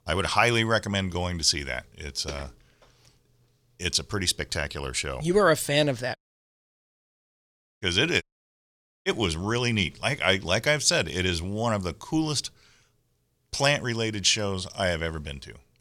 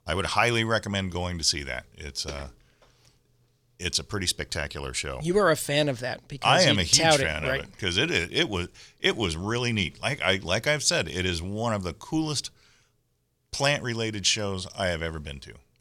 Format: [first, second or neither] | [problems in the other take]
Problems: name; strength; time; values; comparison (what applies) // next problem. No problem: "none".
second | audio cutting out; at 6 s for 1.5 s and at 8 s for 1 s